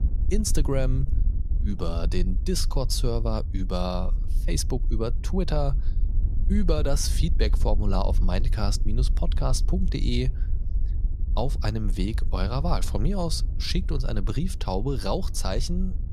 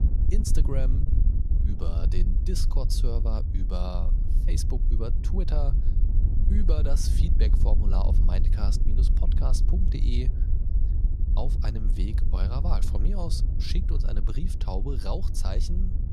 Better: first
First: wind noise on the microphone; occasional gusts; 15 dB below the speech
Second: wind noise on the microphone; heavy; 6 dB below the speech

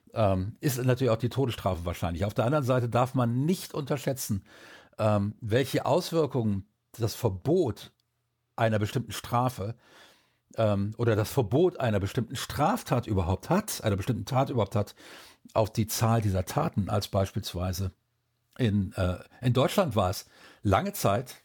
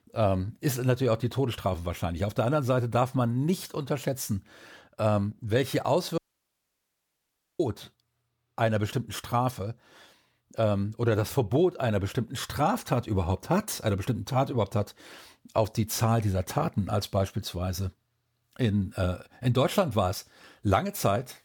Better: first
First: none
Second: audio cutting out; at 6 s for 1.5 s

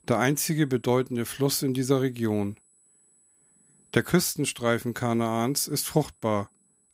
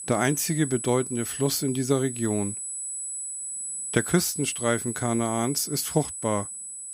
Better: first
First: high-pitched whine; faint; throughout; 8 kHz, 35 dB below the speech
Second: high-pitched whine; loud; throughout; 8 kHz, 6 dB below the speech

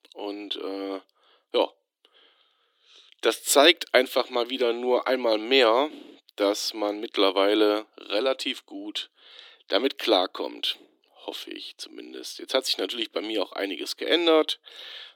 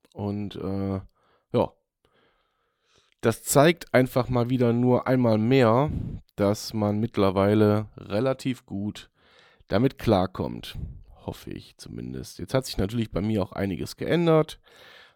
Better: second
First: thin; somewhat; fading below 300 Hz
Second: none

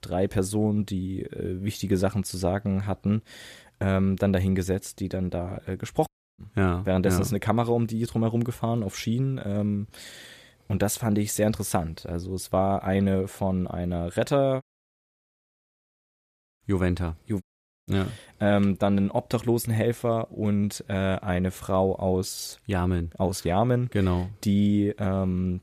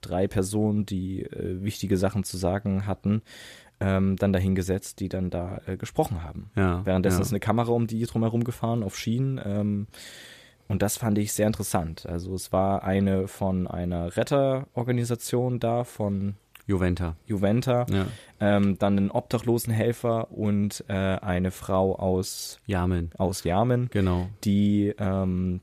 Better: second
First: audio cutting out; at 6 s, at 15 s for 2 s and at 17 s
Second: none

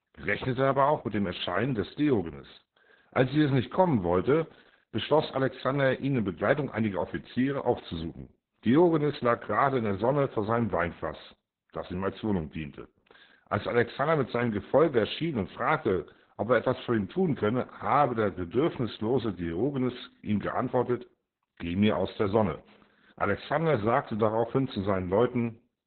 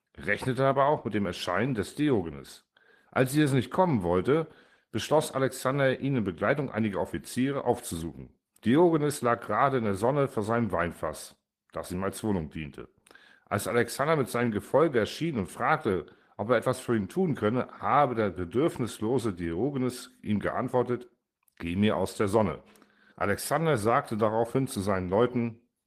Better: second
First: garbled, watery; badly; nothing above 4 kHz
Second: garbled, watery; slightly; nothing above 14.5 kHz

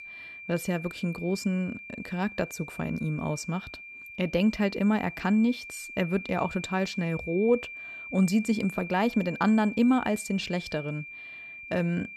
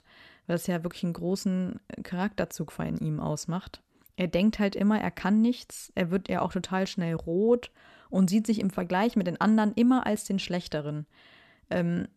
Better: second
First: high-pitched whine; noticeable; throughout; 2.5 kHz, 10 dB below the speech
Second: none

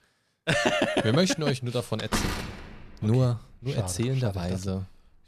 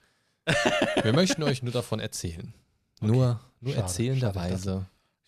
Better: second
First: door banging; noticeable; from 2 to 4 s; peak 2 dB below the speech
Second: none

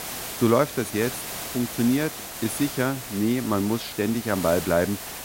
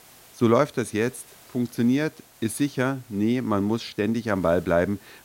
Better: second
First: hiss; loud; throughout; 8 dB below the speech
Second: hiss; faint; throughout; 25 dB below the speech

